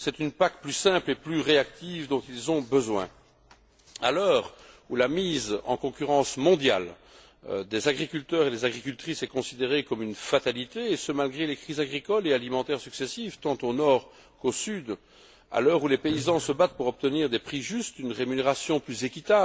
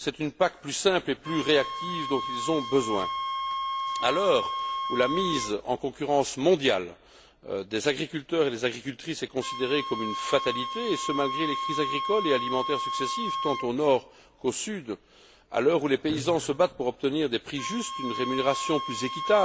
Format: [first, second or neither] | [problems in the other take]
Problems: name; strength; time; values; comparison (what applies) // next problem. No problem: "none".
first | background sound (Wind instrument, woodwind instrument); 6 dB below the speech